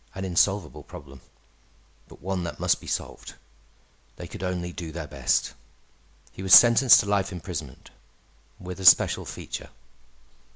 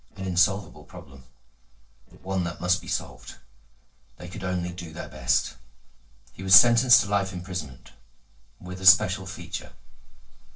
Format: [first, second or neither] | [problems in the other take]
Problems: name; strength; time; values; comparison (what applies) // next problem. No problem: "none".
first | noise reduction (neural separator model SepFormer DNS4)